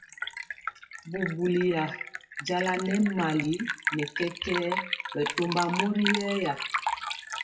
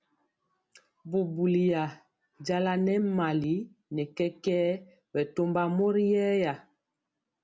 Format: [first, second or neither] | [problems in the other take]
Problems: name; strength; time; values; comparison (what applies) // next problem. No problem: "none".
second | noise reduction (classical method WPE with log-MMSE)